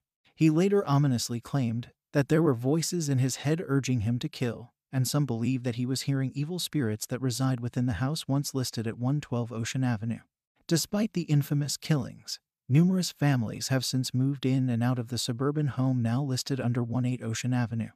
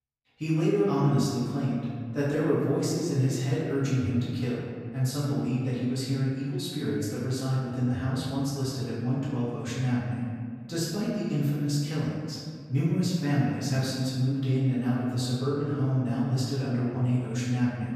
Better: first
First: none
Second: room echo; strong; dies away in 1.8 s // off-mic speech; far

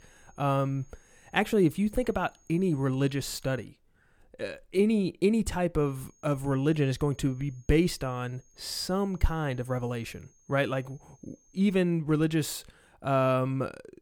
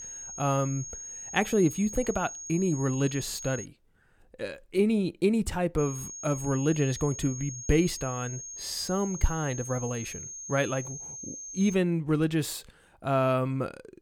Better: first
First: high-pitched whine; faint; until 3.5 s and from 6 to 12 s; 6.5 kHz, 35 dB below the speech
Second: high-pitched whine; loud; until 3.5 s and from 6 to 12 s; 6.5 kHz, 9 dB below the speech

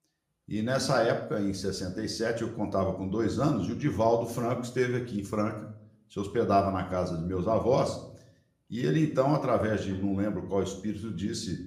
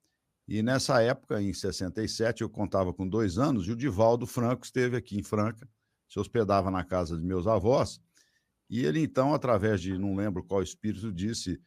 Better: second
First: room echo; slight; dies away in 0.5 s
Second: none

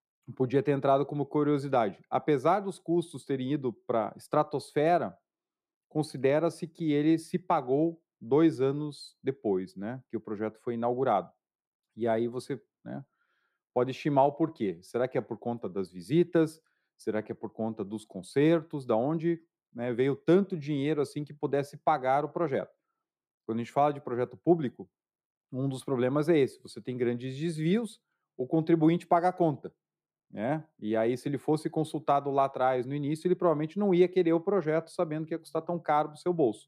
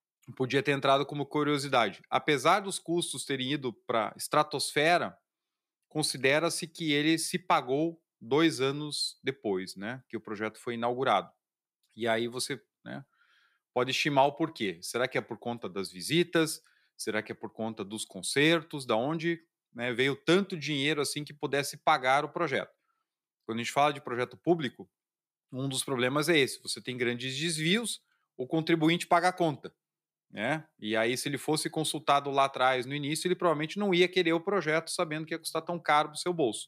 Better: second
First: muffled; slightly; fading above 1.5 kHz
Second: none

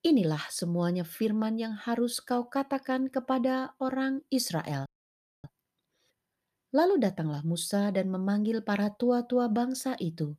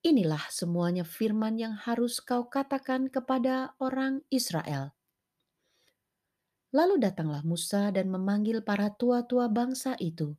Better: second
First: audio freezing; at 5 s for 0.5 s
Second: none

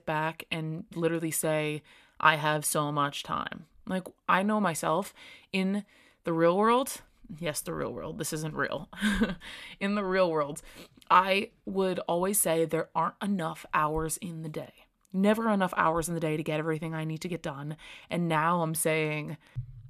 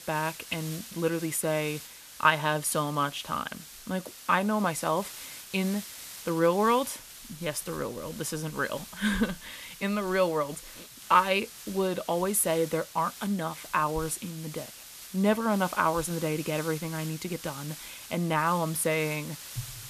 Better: first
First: none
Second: hiss; noticeable; throughout; 15 dB below the speech

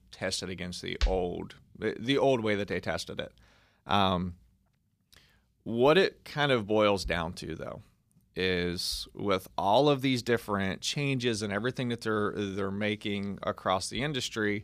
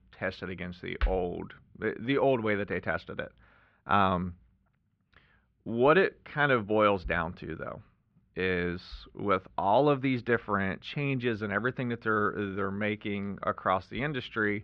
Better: first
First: none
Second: muffled; very; fading above 3 kHz

